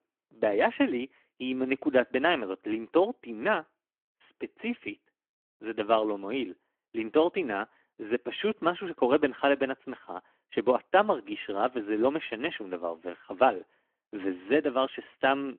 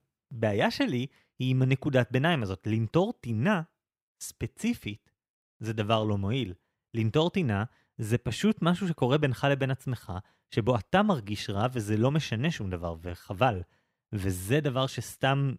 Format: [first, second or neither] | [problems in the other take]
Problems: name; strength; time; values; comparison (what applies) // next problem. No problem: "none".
second | phone-call audio